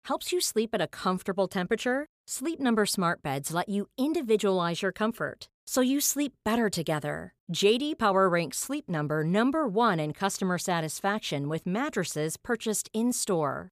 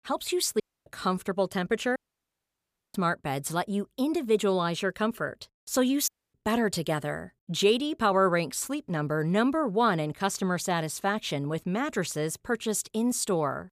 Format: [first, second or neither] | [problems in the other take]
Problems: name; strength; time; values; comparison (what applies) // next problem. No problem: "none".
first | audio cutting out; at 0.5 s, at 2 s for 1 s and at 6 s